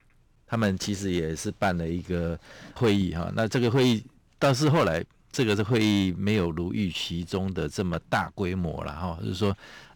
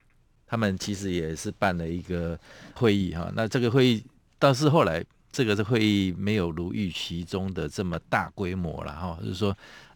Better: second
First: distortion; slight; 3% of the sound clipped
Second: none

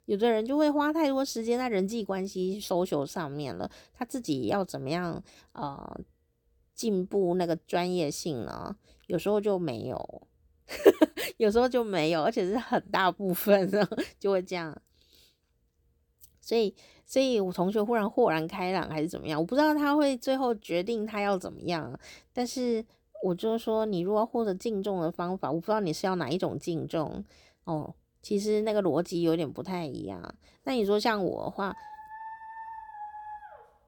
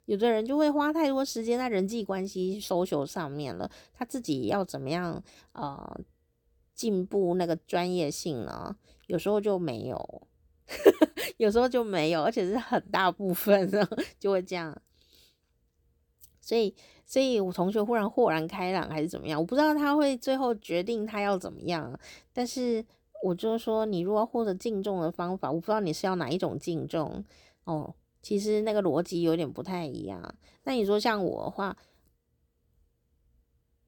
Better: second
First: dog barking; faint; from 32 s on; peak 15 dB below the speech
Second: none

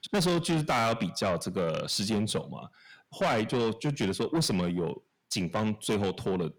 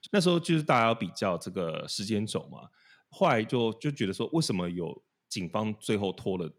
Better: second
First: distortion; heavy; 6 dB below the speech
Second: none

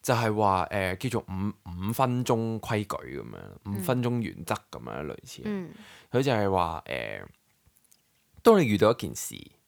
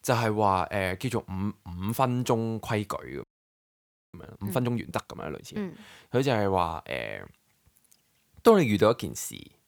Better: first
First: none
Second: audio freezing; at 3 s for 1 s

